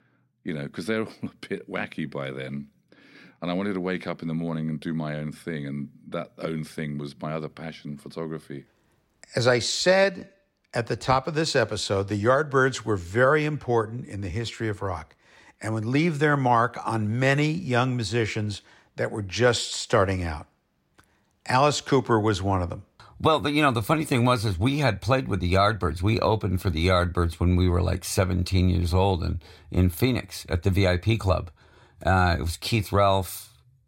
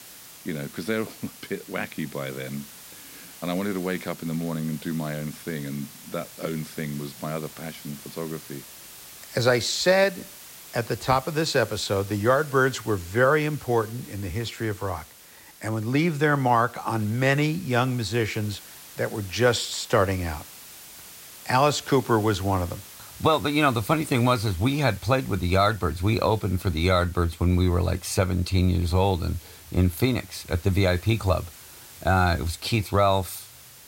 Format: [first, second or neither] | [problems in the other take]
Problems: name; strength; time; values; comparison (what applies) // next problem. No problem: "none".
first | hiss; noticeable; throughout; 20 dB below the speech